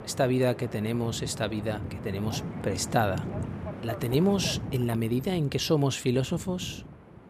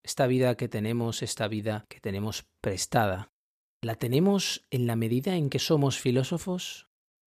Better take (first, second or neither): second